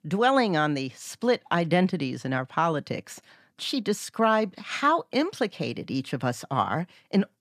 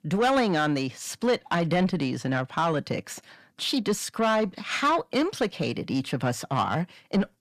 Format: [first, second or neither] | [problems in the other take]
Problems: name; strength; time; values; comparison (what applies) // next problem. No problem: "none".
first | distortion; slight; 10 dB below the speech